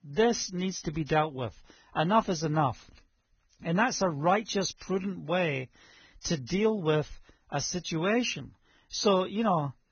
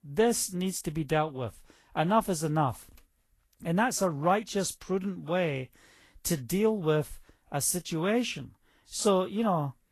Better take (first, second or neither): second